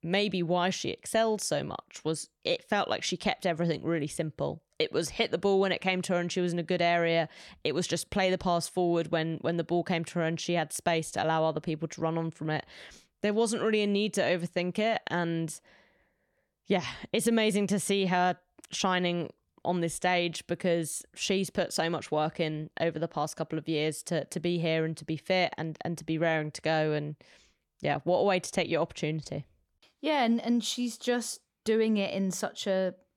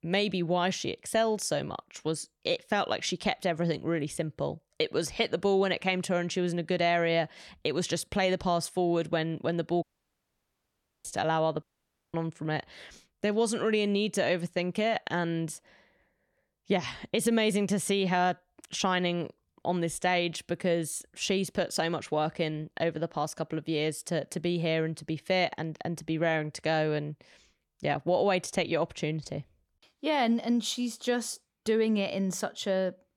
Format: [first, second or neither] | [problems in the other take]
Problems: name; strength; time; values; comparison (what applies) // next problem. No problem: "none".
first | audio cutting out; at 10 s for 1 s and at 12 s for 0.5 s